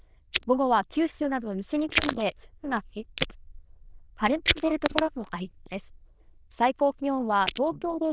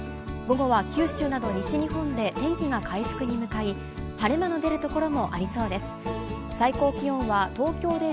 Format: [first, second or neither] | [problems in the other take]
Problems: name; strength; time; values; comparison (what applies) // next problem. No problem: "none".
second | noise reduction (neural diffusion model UNIVERSE++)